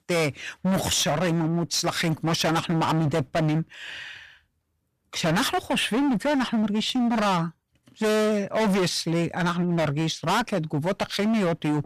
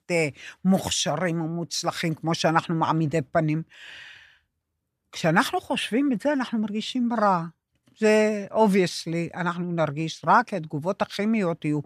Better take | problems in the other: second | distortion; heavy; 25% of the sound clipped

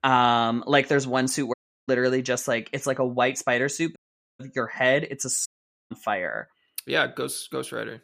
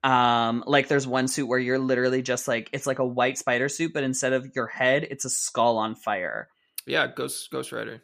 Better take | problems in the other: second | audio cutting out; at 1.5 s, at 4 s and at 5.5 s

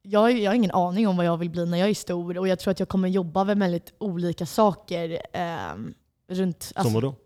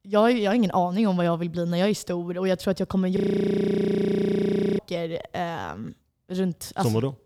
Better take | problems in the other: first | audio freezing; at 3 s for 1.5 s

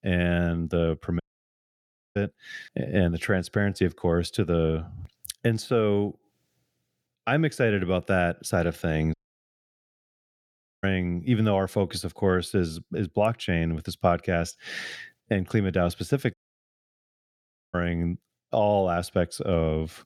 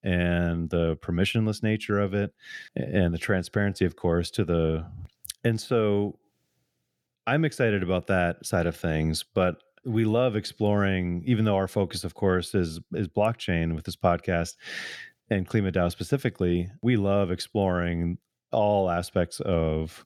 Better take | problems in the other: second | audio cutting out; at 1 s for 1 s, at 9 s for 1.5 s and at 16 s for 1.5 s

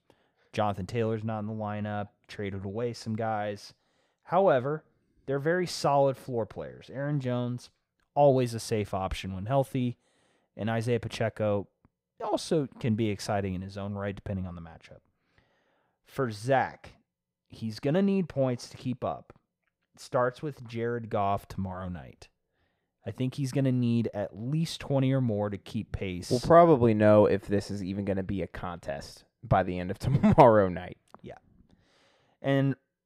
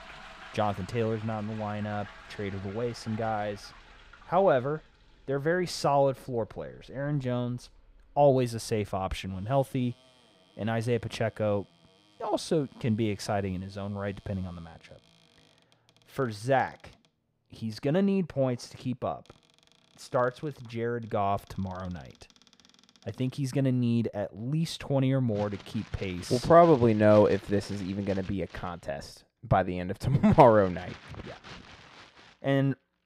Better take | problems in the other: first | household noises; faint; throughout; 25 dB below the speech

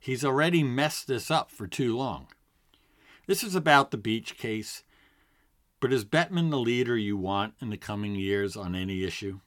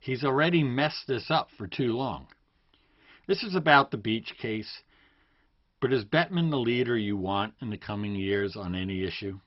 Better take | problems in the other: first | garbled, watery; badly; nothing above 5.5 kHz

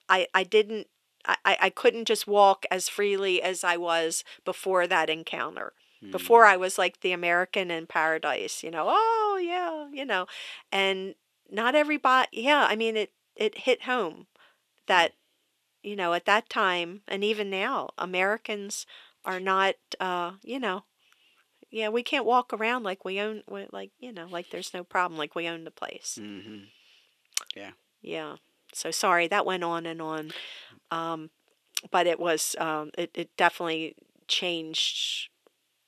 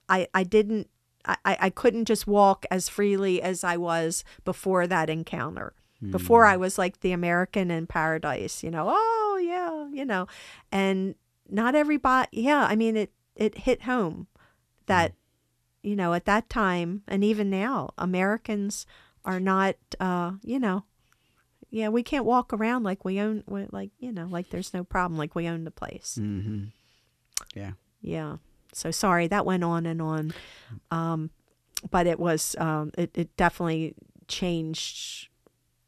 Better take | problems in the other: second | thin; somewhat; fading below 450 Hz

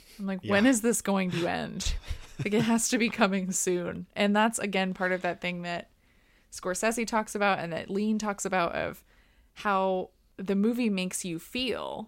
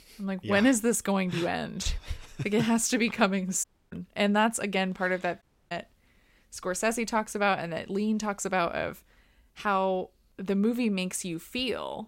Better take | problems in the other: first | audio cutting out; at 3.5 s and at 5.5 s

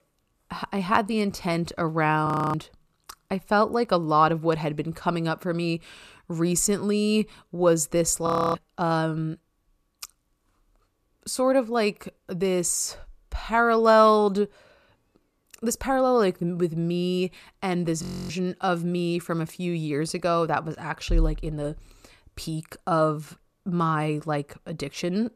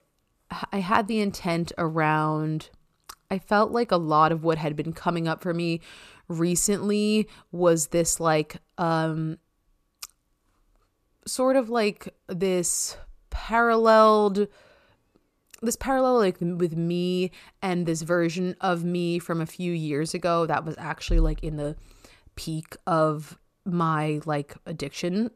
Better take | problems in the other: second | audio freezing; at 2.5 s, at 8.5 s and at 18 s

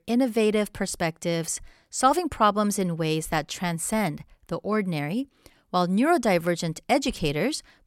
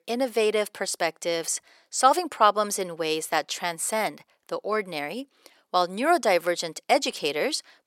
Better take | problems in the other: first | thin; somewhat; fading below 500 Hz

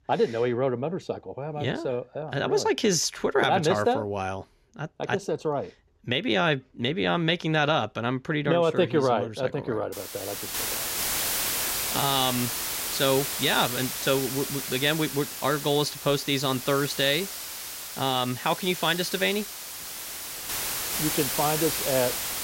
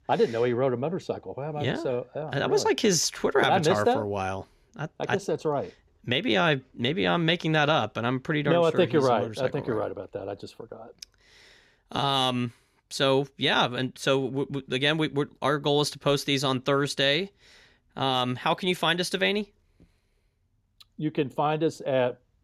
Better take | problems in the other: second | hiss; loud; from 10 s on; 3 dB below the speech

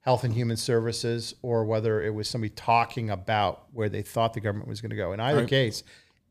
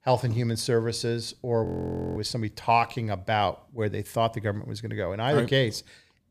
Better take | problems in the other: first | audio freezing; at 1.5 s for 0.5 s

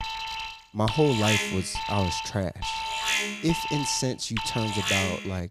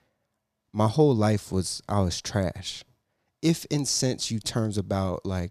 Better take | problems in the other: second | alarm; loud; peak 4 dB above the speech

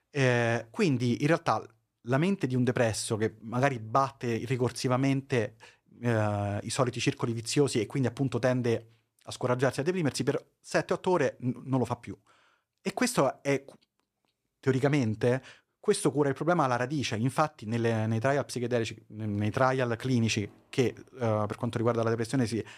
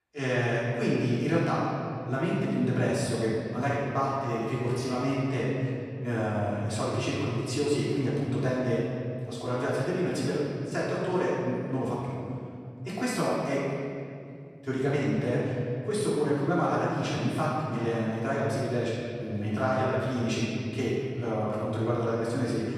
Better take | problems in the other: first | off-mic speech; far // room echo; strong; dies away in 2.6 s

